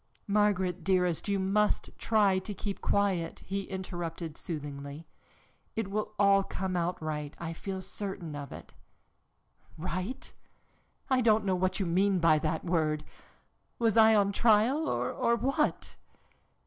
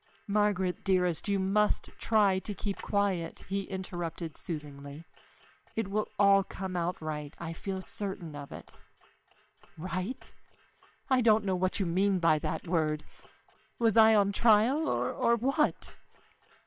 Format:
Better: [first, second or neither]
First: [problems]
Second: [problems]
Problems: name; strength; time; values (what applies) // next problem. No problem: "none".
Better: first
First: none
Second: noise reduction (neural separator model SepFormer WHAM!)